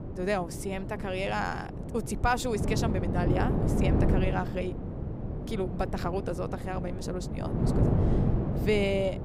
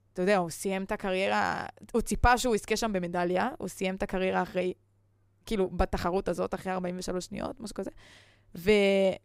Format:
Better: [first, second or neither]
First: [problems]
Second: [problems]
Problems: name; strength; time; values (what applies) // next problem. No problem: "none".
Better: second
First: wind noise on the microphone; heavy; 5 dB below the speech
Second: none